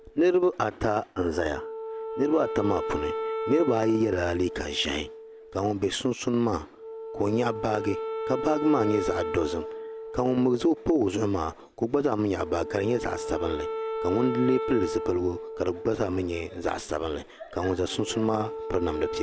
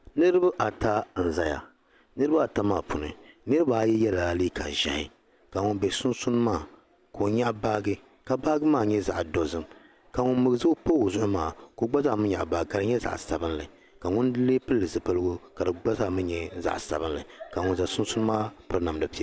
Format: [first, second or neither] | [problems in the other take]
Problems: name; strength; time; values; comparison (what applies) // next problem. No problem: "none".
second | background sound (Wind instrument, woodwind instrument); 8 dB below the speech